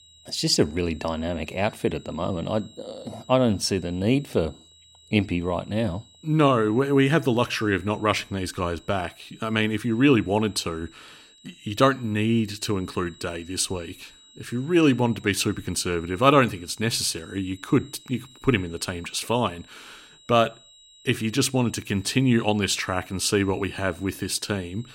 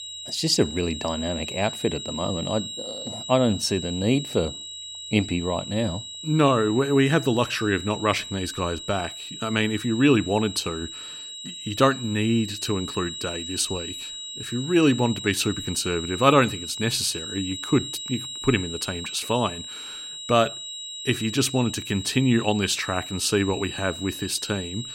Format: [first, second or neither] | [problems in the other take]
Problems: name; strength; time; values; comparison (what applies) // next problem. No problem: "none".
first | high-pitched whine; loud; throughout; 4 kHz, 9 dB below the speech; faint in the first